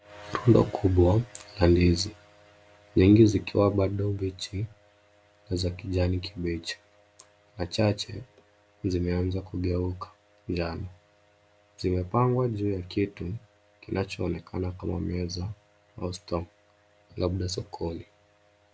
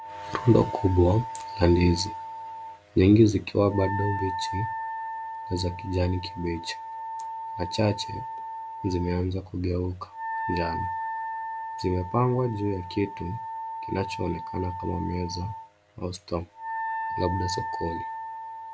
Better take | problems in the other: first | background sound (Wind instrument, woodwind instrument); 8 dB below the speech

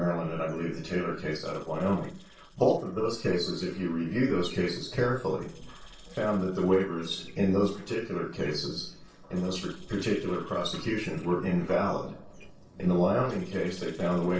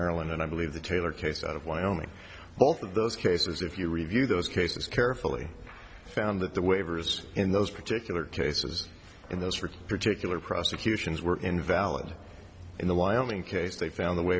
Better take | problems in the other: second | noise reduction (neural separator model SepFormer DNS4)

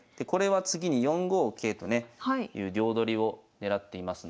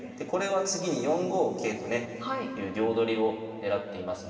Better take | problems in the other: first | room echo; dies away in 2.5 s

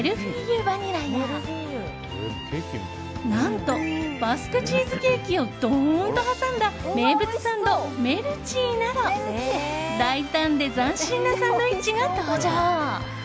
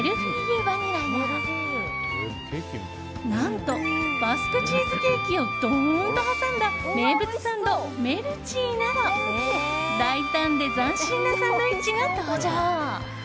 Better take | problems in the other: first | background sound (Wind instrument, woodwind instrument); 4 dB below the speech

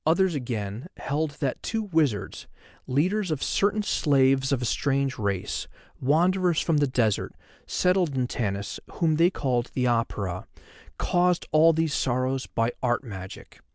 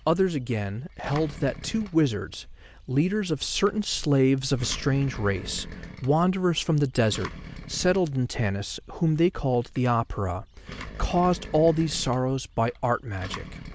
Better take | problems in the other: first | background sound (Engine); 16 dB below the speech

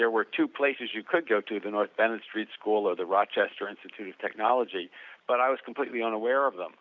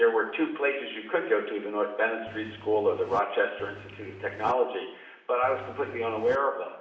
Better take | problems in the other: first | background sound (Engine); 17 dB below the speech // room echo; dies away in 0.8 s

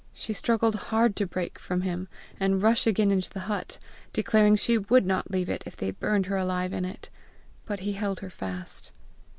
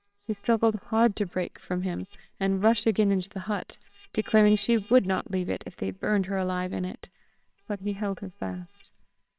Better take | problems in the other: first | noise reduction (neural separator model SepFormer WHAMR!)

